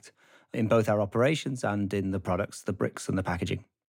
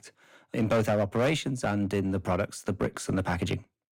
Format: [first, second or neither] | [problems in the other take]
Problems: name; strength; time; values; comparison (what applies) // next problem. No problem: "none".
first | distortion; slight; 7% of the sound clipped